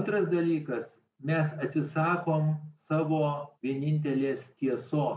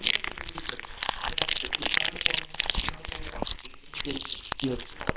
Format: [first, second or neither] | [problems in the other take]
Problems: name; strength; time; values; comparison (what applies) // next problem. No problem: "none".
first | noise reduction (neural separator model SepFormer WHAMR!)